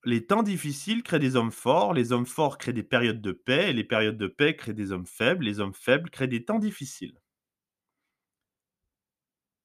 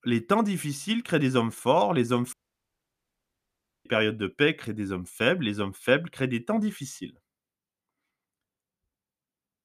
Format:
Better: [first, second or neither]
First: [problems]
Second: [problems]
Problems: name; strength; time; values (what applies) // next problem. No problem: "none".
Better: first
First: none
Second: audio cutting out; at 2.5 s for 1.5 s